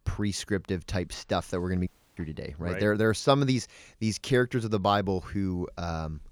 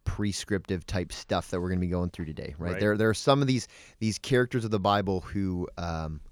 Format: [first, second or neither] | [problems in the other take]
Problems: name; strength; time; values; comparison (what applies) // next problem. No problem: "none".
second | audio cutting out; at 2 s